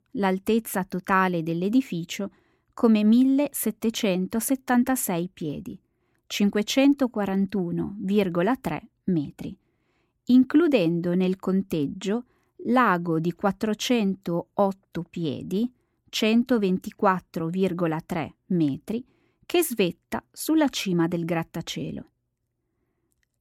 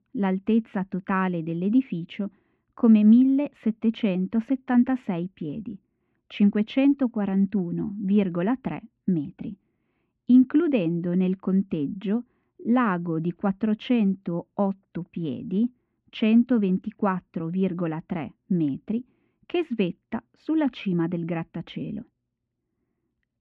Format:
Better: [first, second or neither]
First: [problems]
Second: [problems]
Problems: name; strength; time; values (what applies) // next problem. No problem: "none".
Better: first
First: none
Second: muffled; very; fading above 3 kHz